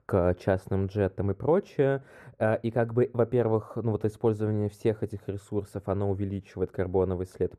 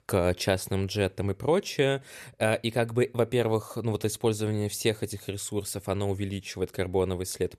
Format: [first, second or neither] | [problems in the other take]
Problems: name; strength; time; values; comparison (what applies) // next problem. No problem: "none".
second | muffled; very; fading above 2 kHz